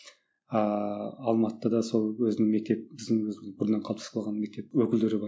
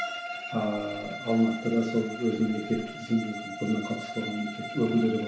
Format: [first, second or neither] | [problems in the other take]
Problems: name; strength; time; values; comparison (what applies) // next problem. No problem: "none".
first | background sound (Bowed string instrument); 10 dB below the speech // room echo; dies away in 0.6 s